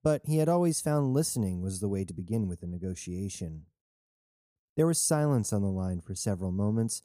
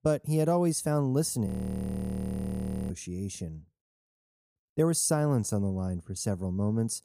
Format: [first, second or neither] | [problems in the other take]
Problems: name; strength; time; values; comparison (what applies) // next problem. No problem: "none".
first | audio freezing; at 1.5 s for 1.5 s